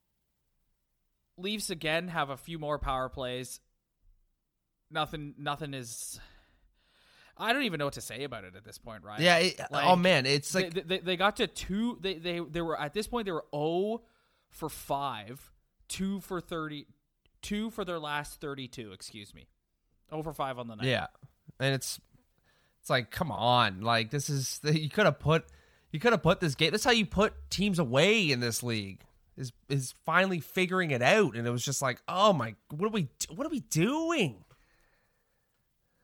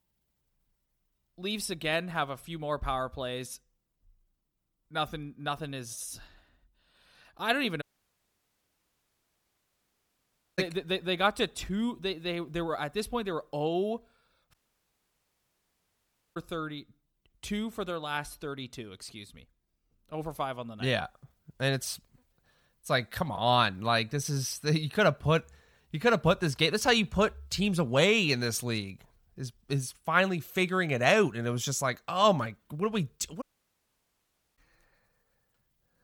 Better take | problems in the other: first | audio cutting out; at 8 s for 3 s, at 15 s for 2 s and at 33 s for 1 s

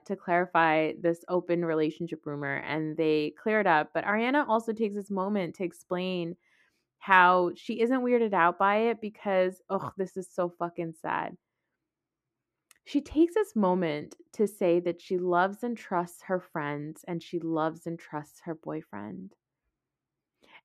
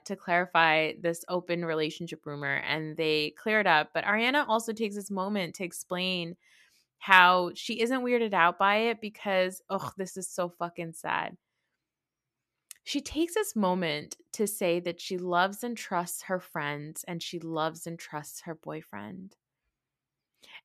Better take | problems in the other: second | muffled; slightly; fading above 2.5 kHz

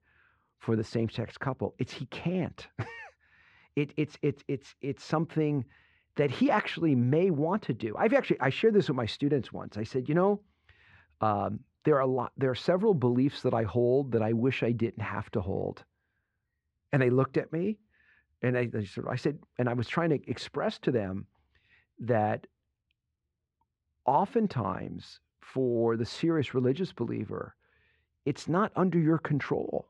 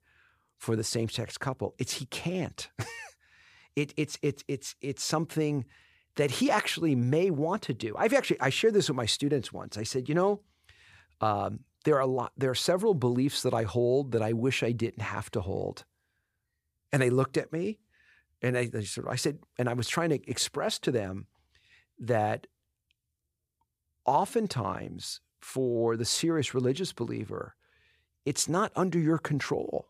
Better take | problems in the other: second | muffled; slightly; fading above 2.5 kHz

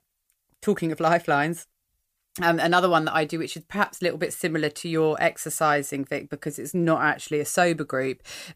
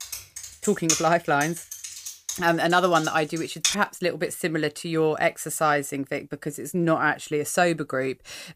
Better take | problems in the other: first | keyboard typing; loud; until 4 s; peak 1 dB above the speech

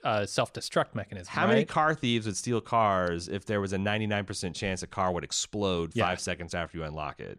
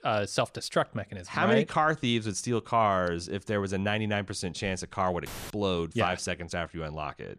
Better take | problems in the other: first | audio cutting out; filled with static; at 5.5 s

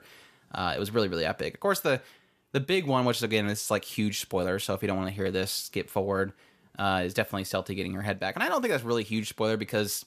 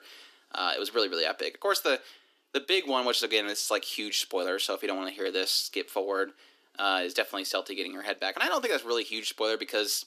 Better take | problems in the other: first | thin; somewhat; fading below 300 Hz

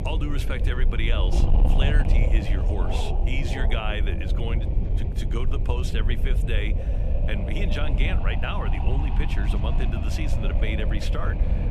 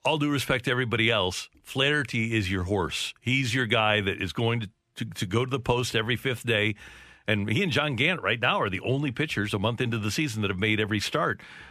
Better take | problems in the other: second | wind noise on the microphone; heavy; 4 dB below the speech

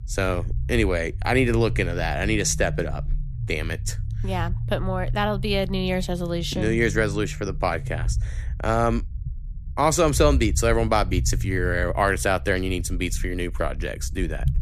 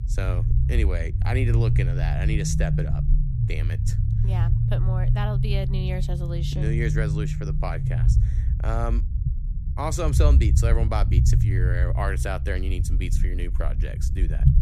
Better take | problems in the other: first | low rumble; loud; throughout; 5 dB below the speech; faint in the first

